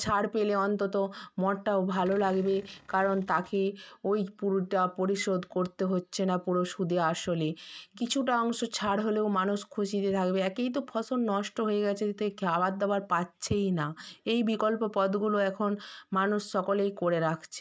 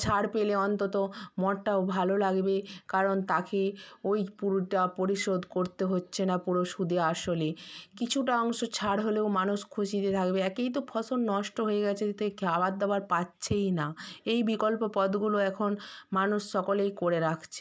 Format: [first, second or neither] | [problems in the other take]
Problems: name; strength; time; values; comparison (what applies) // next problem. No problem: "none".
second | noise reduction (neural mask model RNNoise)